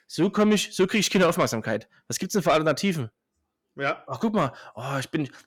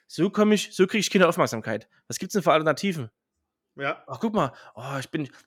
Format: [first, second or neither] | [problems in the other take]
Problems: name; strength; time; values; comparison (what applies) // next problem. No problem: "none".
second | distortion; slight; 10 dB below the speech